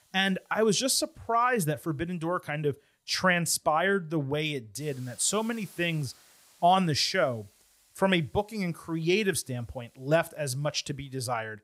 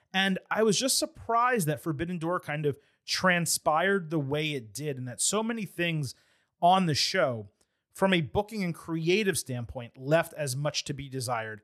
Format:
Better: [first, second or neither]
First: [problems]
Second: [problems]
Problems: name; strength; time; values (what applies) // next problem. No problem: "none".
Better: second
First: hiss; faint; throughout; 30 dB below the speech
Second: none